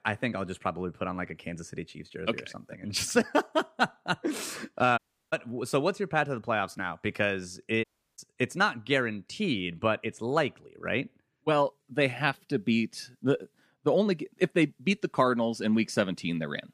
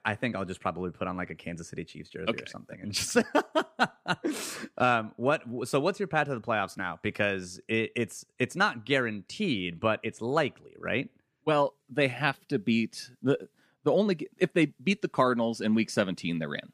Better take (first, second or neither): second